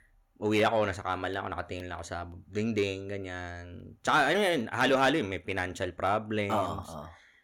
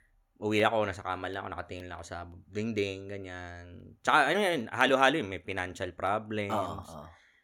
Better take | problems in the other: second | distortion; slight; 10 dB below the speech

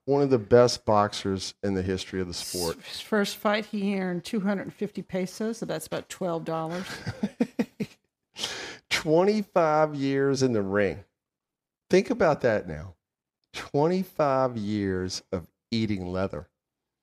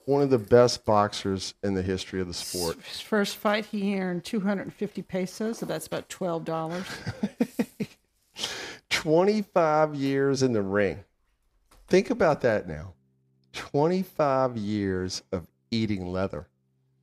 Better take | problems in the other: first | background music; faint; throughout; 30 dB below the speech

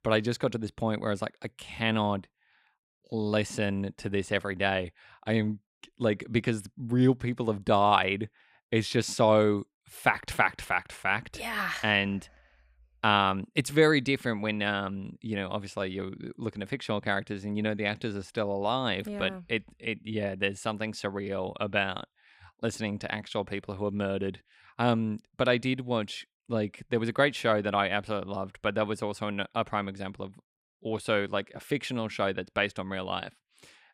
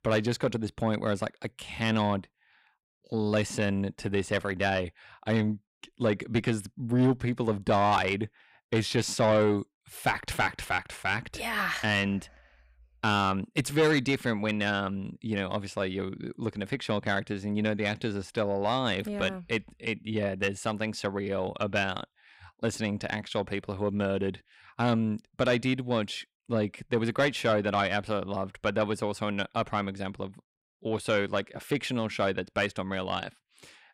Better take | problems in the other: first | distortion; slight; 10 dB below the speech

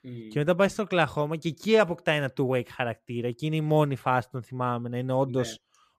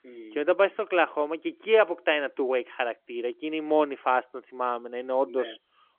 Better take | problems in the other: first | phone-call audio; nothing above 3.5 kHz

